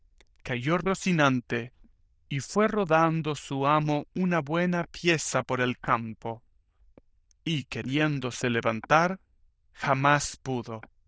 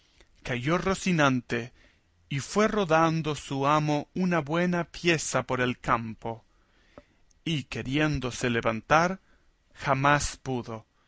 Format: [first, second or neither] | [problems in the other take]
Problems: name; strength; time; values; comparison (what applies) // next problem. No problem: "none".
second | noise reduction (neural diffusion model UNIVERSE++)